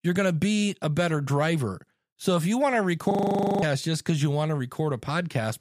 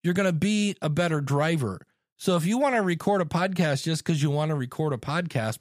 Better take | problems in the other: second | audio freezing; at 3 s for 0.5 s

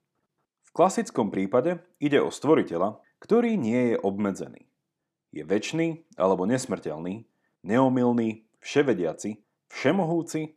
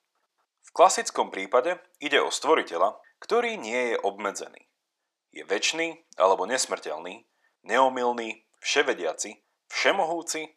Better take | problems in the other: first | thin; very; fading below 750 Hz

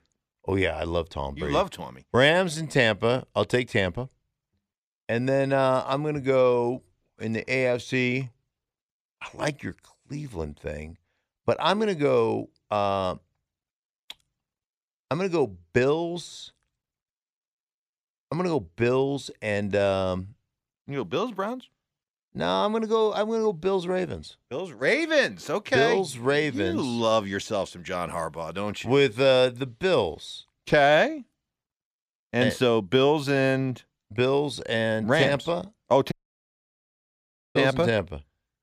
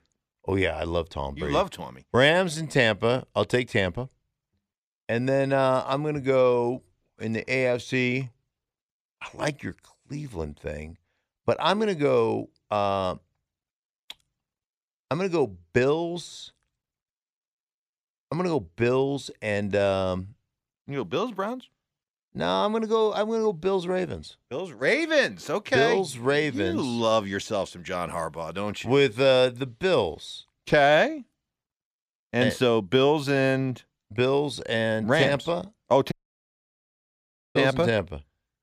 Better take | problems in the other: neither | audio cutting out; at 36 s for 1.5 s; the same in both

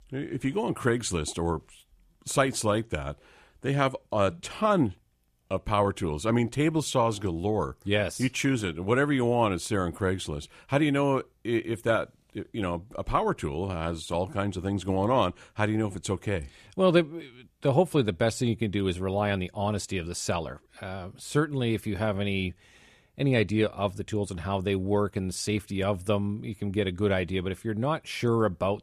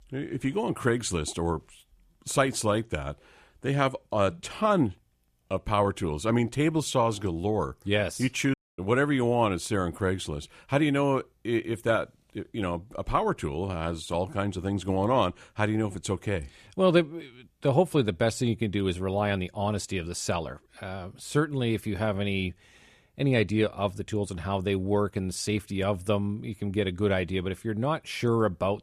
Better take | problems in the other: first | audio cutting out; at 8.5 s

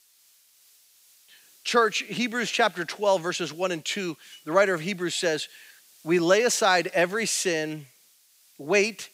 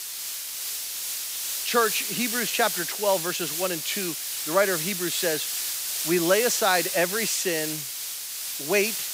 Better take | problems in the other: first | hiss; loud; throughout; 2 dB below the speech; faint in the first

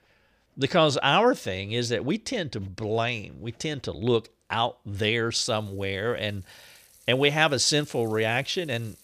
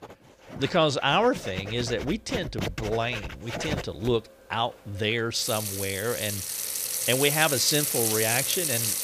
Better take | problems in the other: first | household noises; loud; throughout; 2 dB below the speech; faint in the first

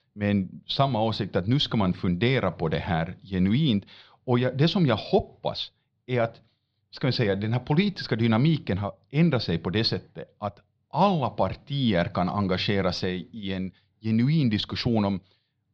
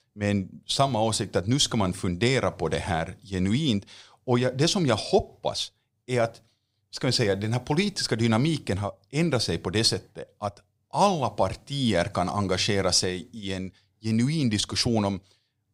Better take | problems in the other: second | muffled; very slightly; fading above 4 kHz

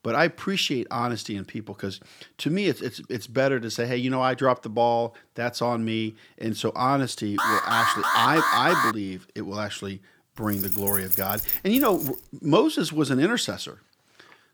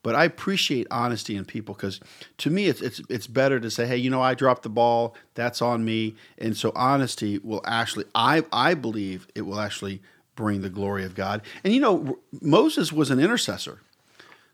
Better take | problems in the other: second | alarm; loud; from 7.5 to 9 s; peak 4 dB above the speech // jangling keys; loud; from 11 to 12 s; peak 4 dB above the speech

